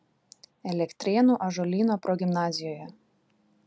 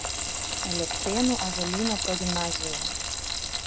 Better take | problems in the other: first | background sound (Frying (food)); 2 dB above the speech

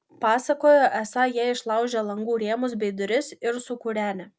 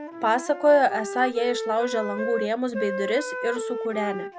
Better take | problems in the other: first | background sound (Wind instrument, woodwind instrument); 7 dB below the speech

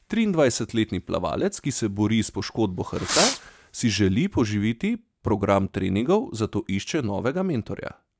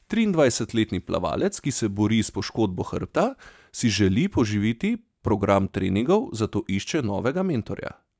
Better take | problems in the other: second | background sound (Fireworks); 4 dB below the speech

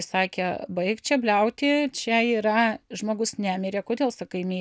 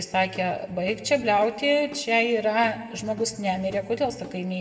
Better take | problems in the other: first | background sound (Guitar / Drum); 20 dB below the speech // room echo; dies away in 1.5 s

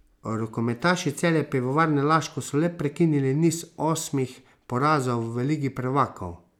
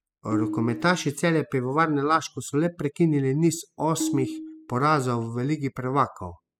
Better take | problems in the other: first | noise reduction (classical method spectral subtraction)

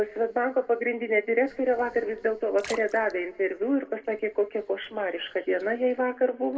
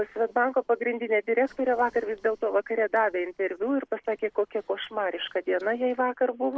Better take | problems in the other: second | background sound (Splash, splatter); 18 dB below the speech // room echo; dies away in 0.9 s

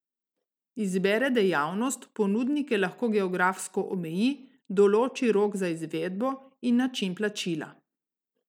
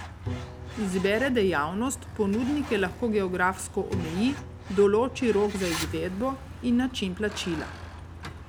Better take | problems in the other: first | background sound (Bowed string instrument + Truck); 11 dB below the speech

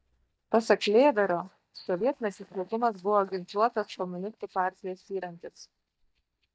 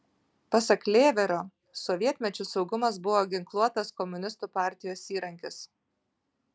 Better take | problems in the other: second | noise reduction (neural mask model DeepFilterNet 3)

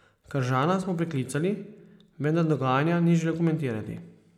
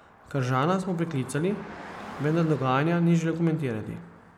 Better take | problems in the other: first | background sound (Car passing by); 18 dB below the speech

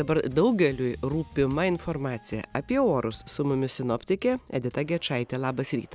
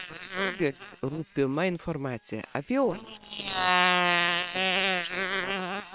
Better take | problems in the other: first | noise reduction (neural separator model SepFormer WHAM!)

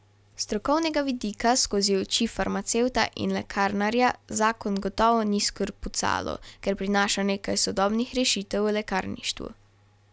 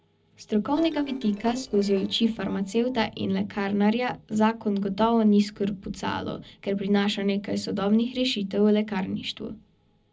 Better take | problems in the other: first | noise reduction (neural separator model SepFormer DNS4)

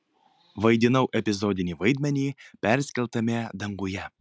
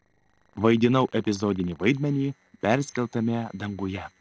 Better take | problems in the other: first | noise reduction (neural separator model SepFormer DNS4)

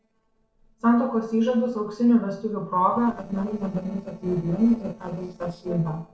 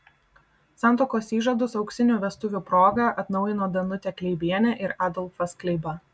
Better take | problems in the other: second | noise reduction (neural separator model SepFormer DNS4)

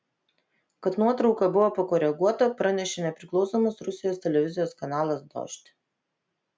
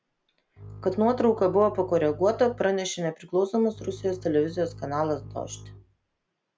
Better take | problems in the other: first | background sound (Bowed string instrument); 18 dB below the speech

